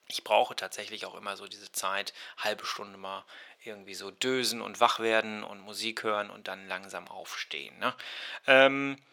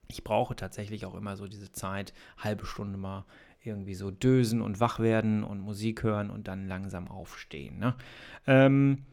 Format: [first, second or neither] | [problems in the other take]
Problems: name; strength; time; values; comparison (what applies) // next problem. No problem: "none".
second | thin; very; fading below 650 Hz